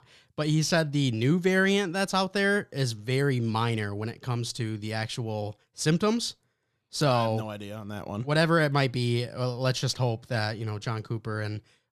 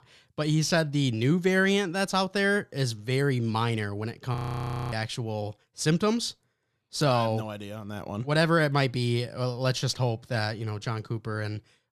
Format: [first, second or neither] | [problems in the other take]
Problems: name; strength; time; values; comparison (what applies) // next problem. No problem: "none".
first | audio freezing; at 4.5 s for 0.5 s